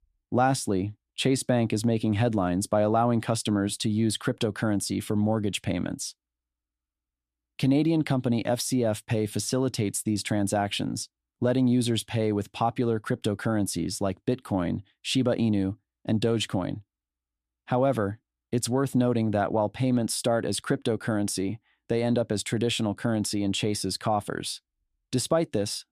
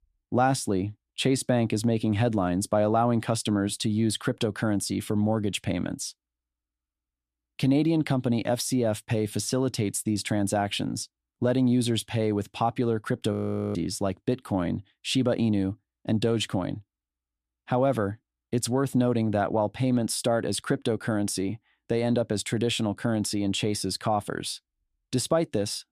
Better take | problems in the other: first | audio freezing; at 13 s

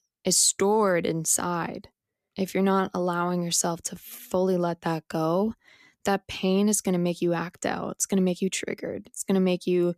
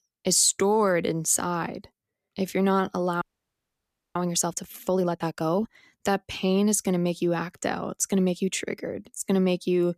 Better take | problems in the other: first | audio freezing; at 3 s for 1 s

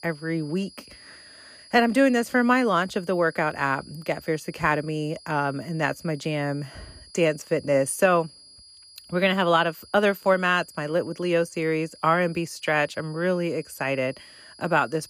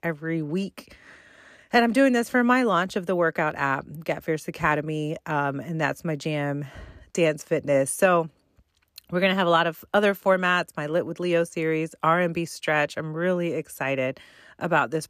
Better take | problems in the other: second | high-pitched whine; faint; throughout; 5 kHz, 20 dB below the speech

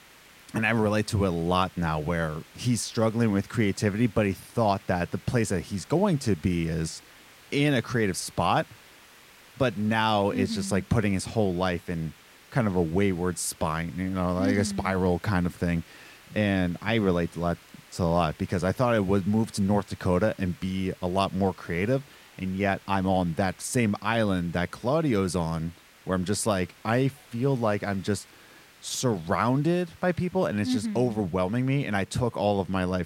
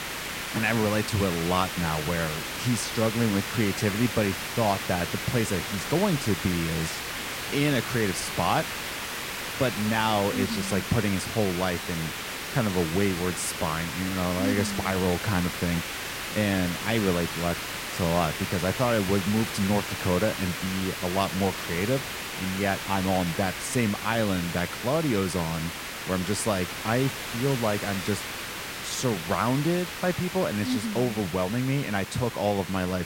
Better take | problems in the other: first | hiss; loud; throughout; 5 dB below the speech; faint in the first

